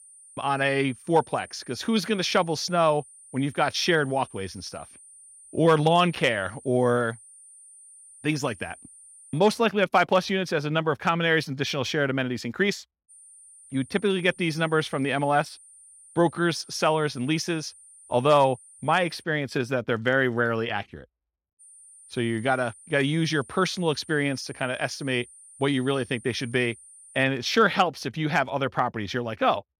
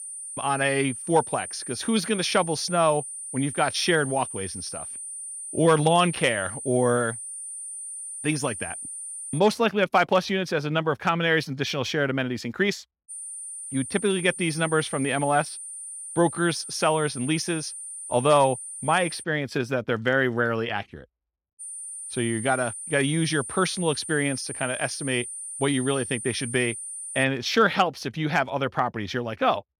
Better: first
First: high-pitched whine; faint; until 9.5 s, from 13 to 19 s and from 22 to 27 s; 9.5 kHz, 20 dB below the speech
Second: high-pitched whine; loud; until 9.5 s, from 13 to 19 s and from 22 to 27 s; 9.5 kHz, 9 dB below the speech

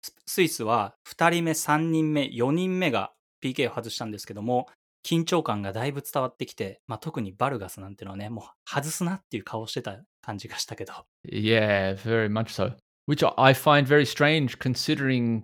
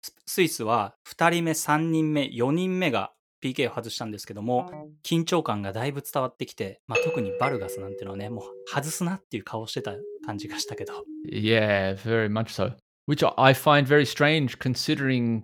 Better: first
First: none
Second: phone ringing; faint; at 4.5 s; peak 15 dB below the speech // doorbell; noticeable; from 7 to 8.5 s; peak level with the speech // siren; faint; from 10 to 11 s; peak 15 dB below the speech

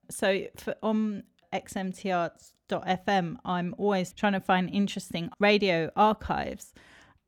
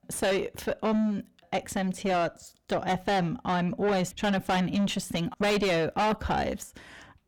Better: first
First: none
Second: distortion; heavy; 5 dB below the speech

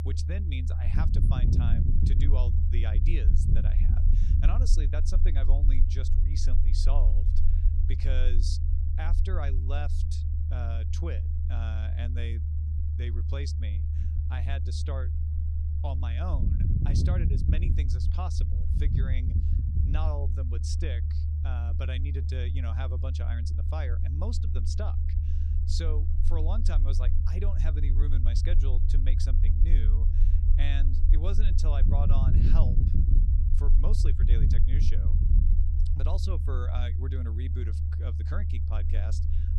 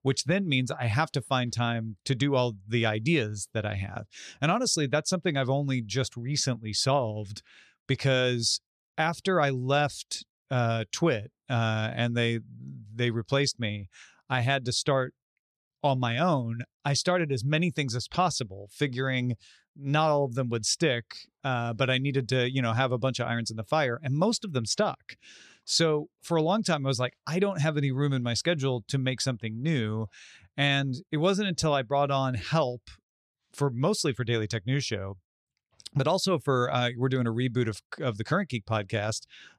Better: second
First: low rumble; loud; throughout; 2 dB below the speech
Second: none

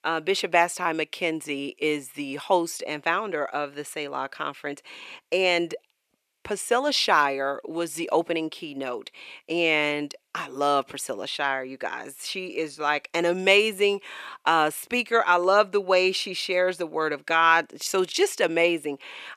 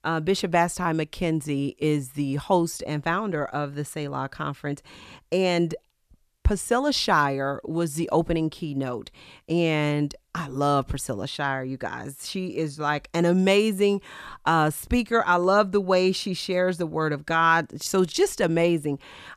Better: second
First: thin; somewhat; fading below 450 Hz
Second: none

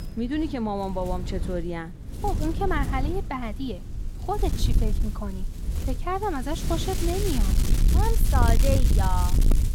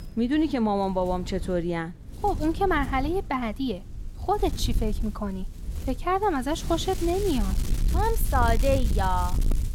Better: second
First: wind noise on the microphone; heavy; 7 dB below the speech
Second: wind noise on the microphone; occasional gusts; 15 dB below the speech

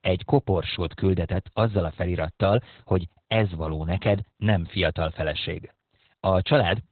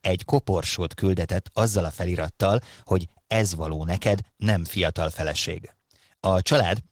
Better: second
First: garbled, watery; badly; nothing above 4 kHz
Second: garbled, watery; slightly

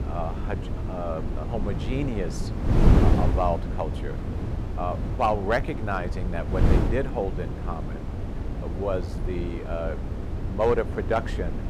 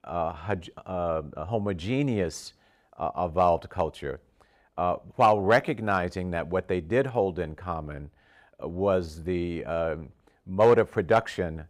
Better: second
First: wind noise on the microphone; heavy; 7 dB below the speech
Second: none

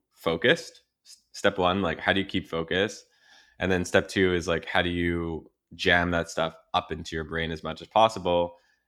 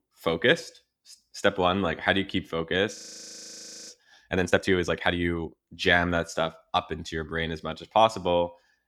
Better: first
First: none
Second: audio freezing; at 3 s for 1 s

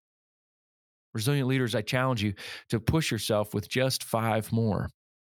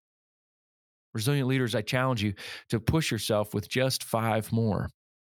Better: neither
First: none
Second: none

